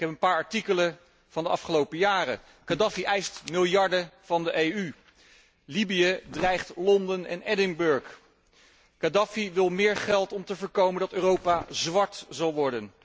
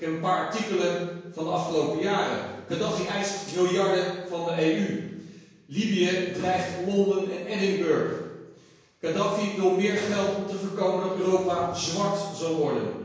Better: first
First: none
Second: room echo; dies away in 1 s

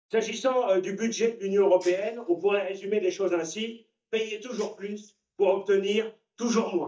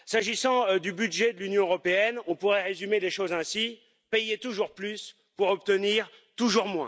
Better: second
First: noise reduction (neural mask model DeepFilterNet 3)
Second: none

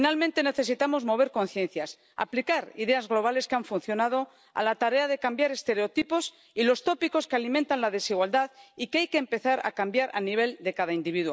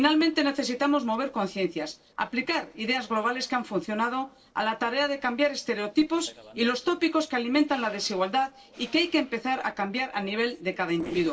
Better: first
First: none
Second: noise reduction (neural separator model SepFormer DNS4)

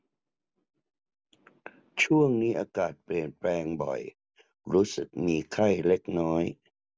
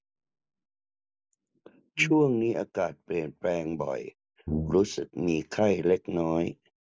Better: first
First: none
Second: noise reduction (neural mask model Resemble Enhance denoiser)

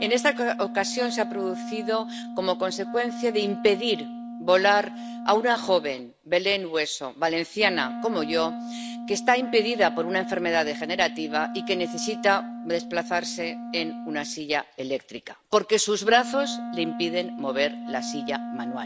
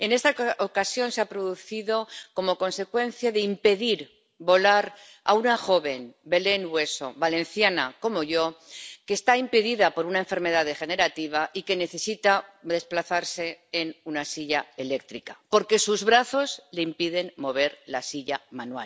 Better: second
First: background sound (Wind instrument, woodwind instrument); 9 dB below the speech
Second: none

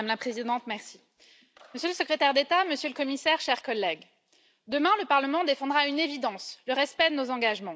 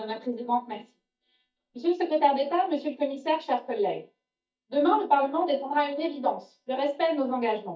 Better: first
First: none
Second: noise reduction (neural mask model DeepFilterNet 3)

